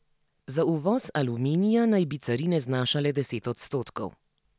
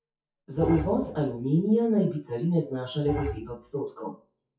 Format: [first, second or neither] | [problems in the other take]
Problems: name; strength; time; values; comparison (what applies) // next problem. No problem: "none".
first | noise reduction (classical method WPE with log-MMSE)